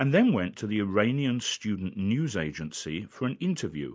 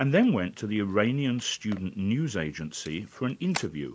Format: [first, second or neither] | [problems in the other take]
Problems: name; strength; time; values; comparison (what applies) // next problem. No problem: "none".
first | background sound (Camera); 19 dB below the speech